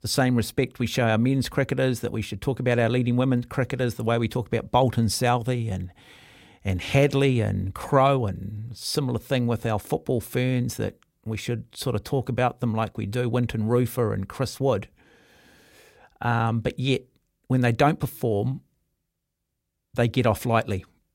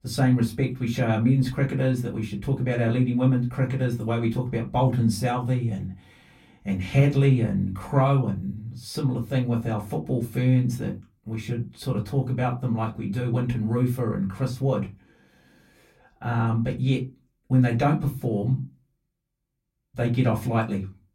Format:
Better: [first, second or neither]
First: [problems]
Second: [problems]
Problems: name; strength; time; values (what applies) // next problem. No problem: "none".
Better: first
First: none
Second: off-mic speech; far // room echo; very slight; dies away in 0.3 s